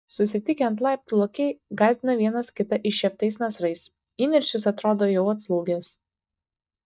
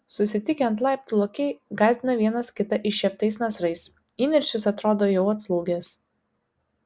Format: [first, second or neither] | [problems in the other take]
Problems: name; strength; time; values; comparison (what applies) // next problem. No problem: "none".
second | noise reduction (neural mask model DeepFilterNet 3)